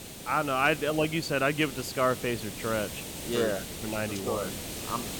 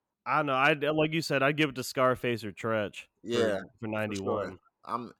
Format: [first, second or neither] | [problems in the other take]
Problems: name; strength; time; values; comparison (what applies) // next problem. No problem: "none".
second | hiss; loud; throughout; 8 dB below the speech